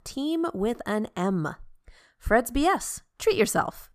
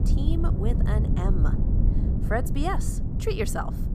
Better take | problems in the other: first | low rumble; loud; throughout; 6 dB below the speech

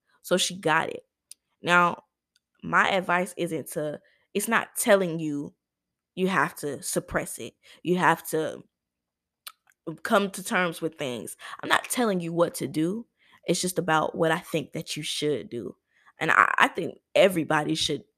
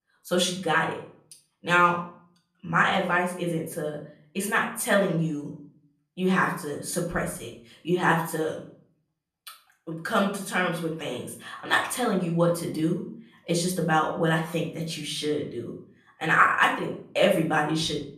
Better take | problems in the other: first | off-mic speech; far // room echo; slight; dies away in 0.4 s

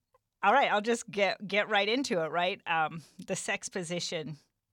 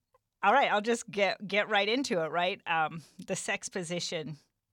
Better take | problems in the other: neither | none

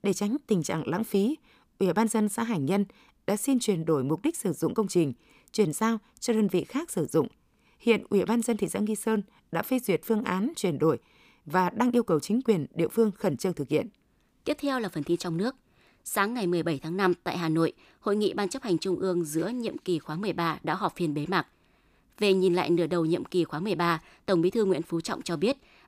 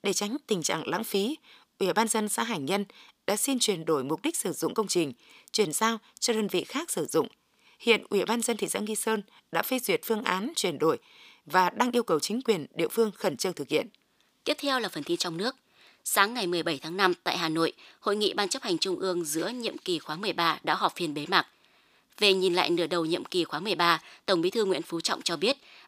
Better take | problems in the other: first | thin; somewhat; fading below 650 Hz

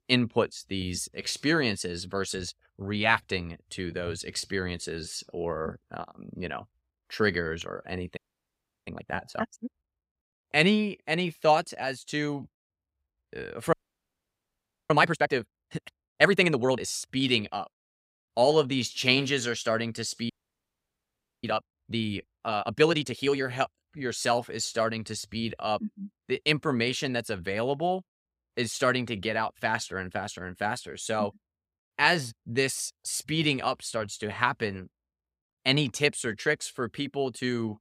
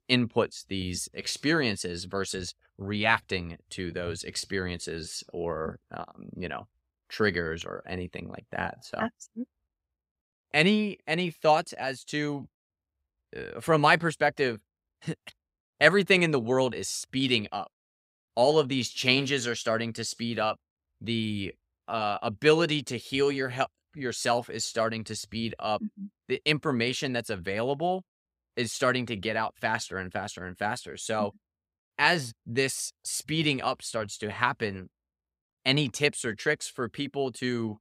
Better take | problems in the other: second | audio freezing; at 8 s for 0.5 s, at 14 s for 1 s and at 20 s for 1 s

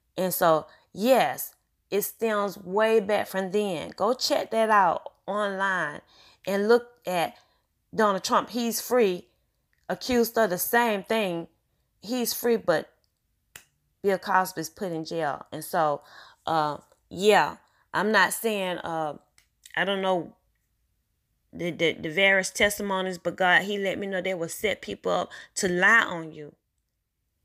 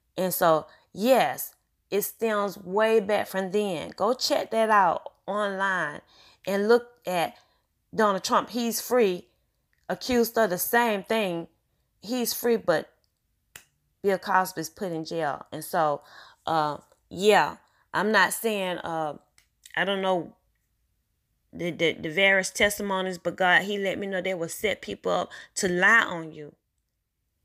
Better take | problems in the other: neither | none

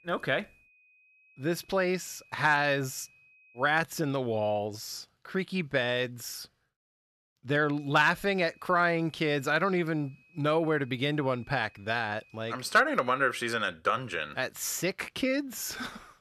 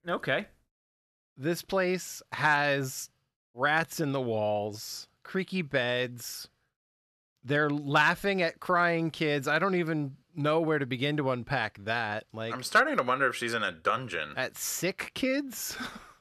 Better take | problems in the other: second | high-pitched whine; faint; until 4 s and from 7.5 to 14 s; 2.5 kHz, 30 dB below the speech

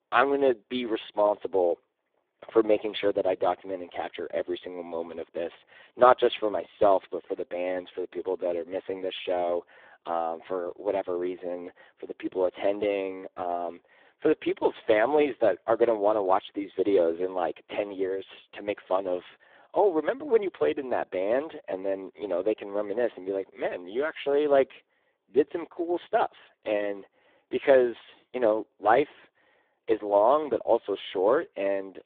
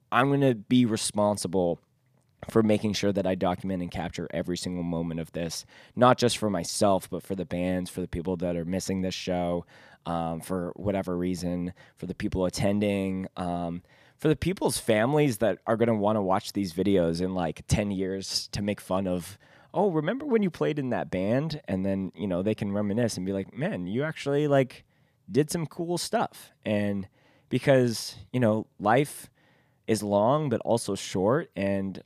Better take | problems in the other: second | phone-call audio; poor line

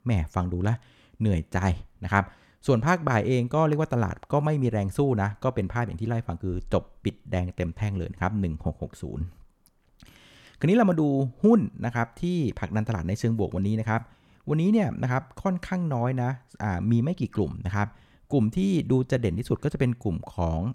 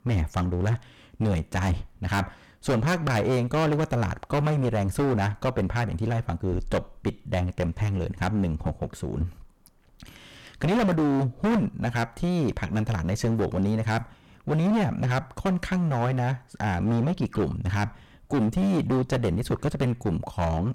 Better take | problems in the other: first | distortion; heavy; 18% of the sound clipped

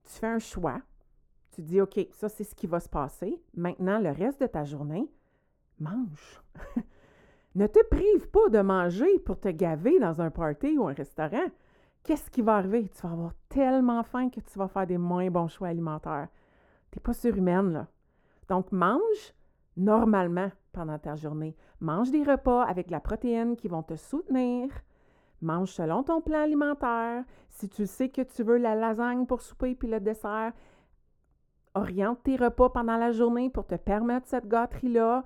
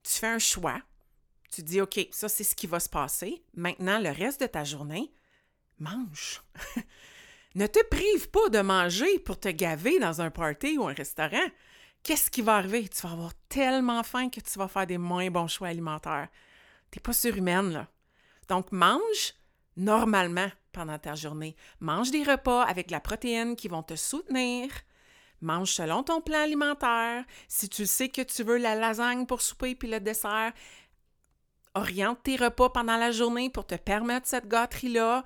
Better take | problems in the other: second | muffled; very; fading above 1.5 kHz

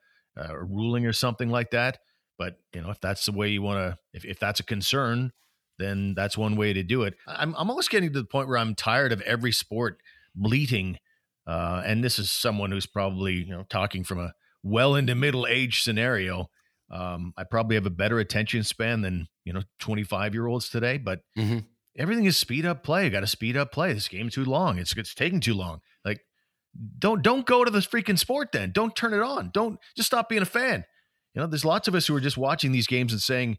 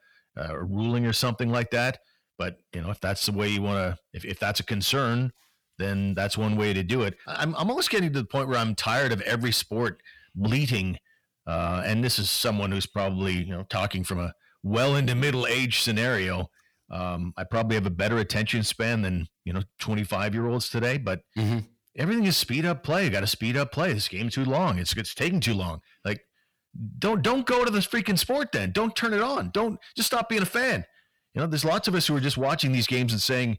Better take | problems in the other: first | distortion; slight; 10 dB below the speech

